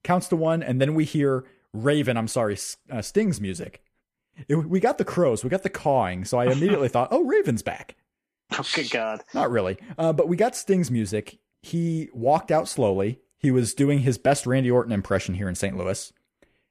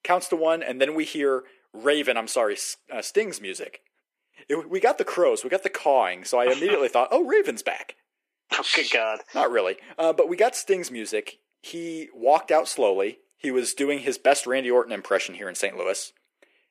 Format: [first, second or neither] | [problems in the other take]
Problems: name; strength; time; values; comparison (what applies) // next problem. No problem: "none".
first | thin; somewhat; fading below 350 Hz